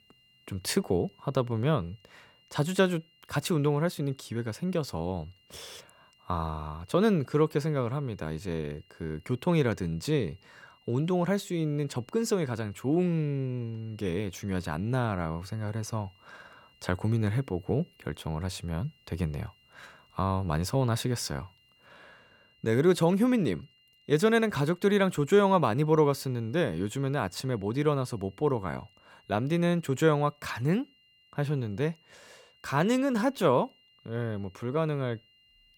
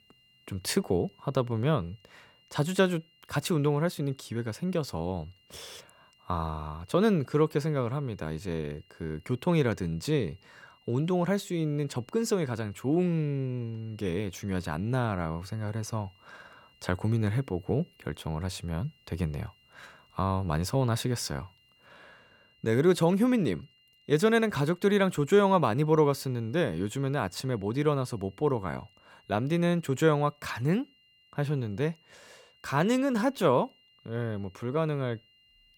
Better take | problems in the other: neither | high-pitched whine; faint; throughout; 3 kHz, 30 dB below the speech; the same in both

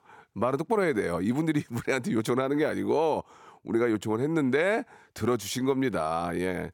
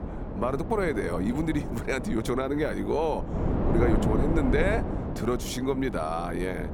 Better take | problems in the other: first | wind noise on the microphone; heavy; 6 dB below the speech

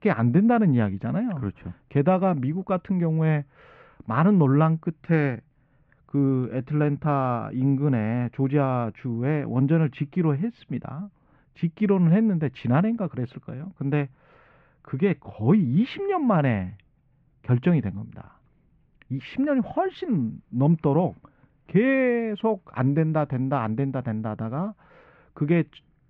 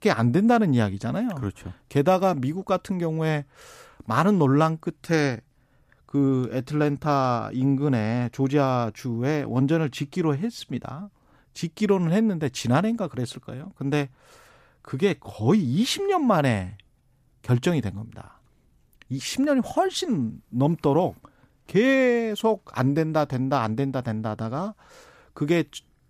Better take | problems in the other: second | muffled; very; fading above 2.5 kHz

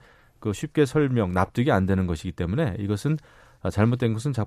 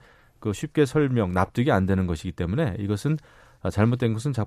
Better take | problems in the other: neither | none

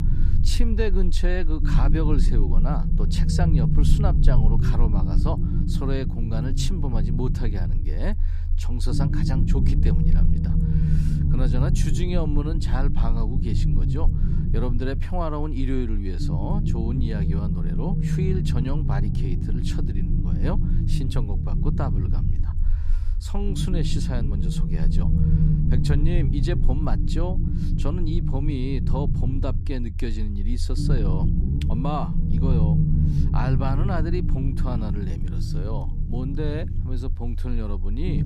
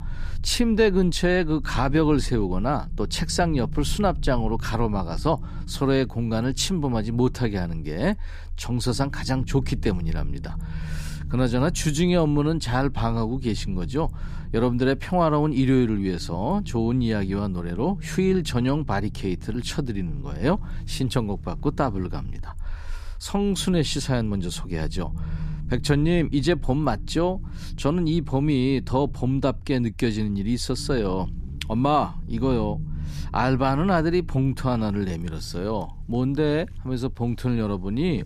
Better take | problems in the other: second | low rumble; loud; throughout; 2 dB below the speech; faint in the second

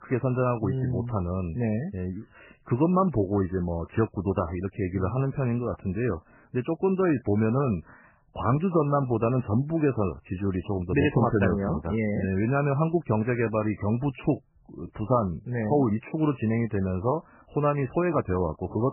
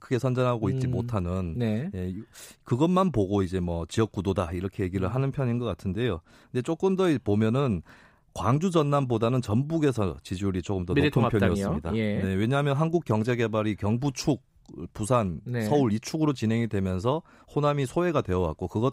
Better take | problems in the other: second | garbled, watery; badly; nothing above 2.5 kHz

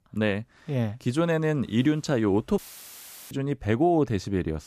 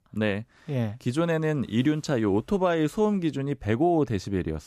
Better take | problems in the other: second | audio cutting out; filled with static; at 2.5 s for 0.5 s

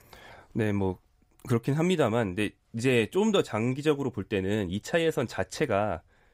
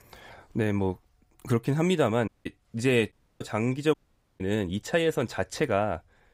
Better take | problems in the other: first | audio cutting out; at 2.5 s, at 3 s and at 4 s

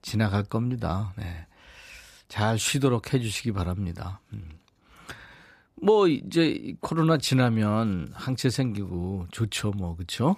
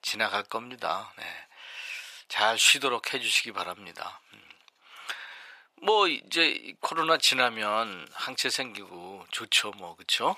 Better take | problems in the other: first | thin; very; fading below 800 Hz

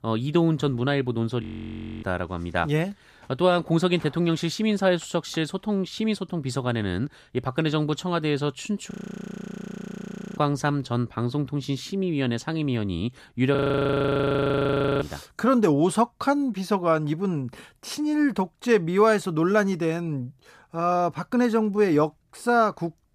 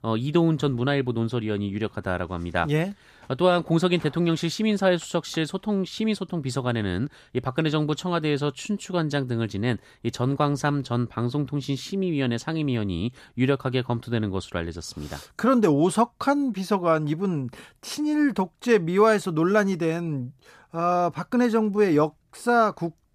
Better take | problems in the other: second | audio freezing; at 1.5 s for 0.5 s, at 9 s for 1.5 s and at 14 s for 1.5 s

